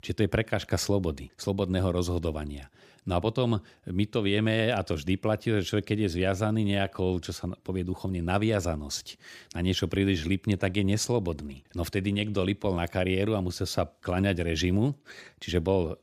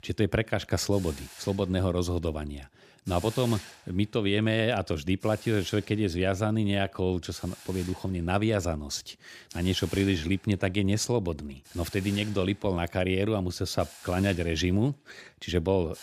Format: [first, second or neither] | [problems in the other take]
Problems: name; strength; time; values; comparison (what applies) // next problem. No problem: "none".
first | hiss; noticeable; throughout; 20 dB below the speech